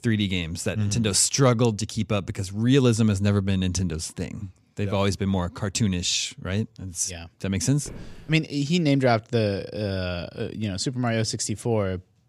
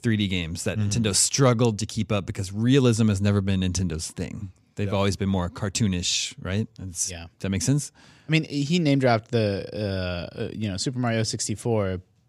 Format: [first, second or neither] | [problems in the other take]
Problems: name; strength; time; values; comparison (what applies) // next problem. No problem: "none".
second | footsteps; faint; at 8 s; peak 20 dB below the speech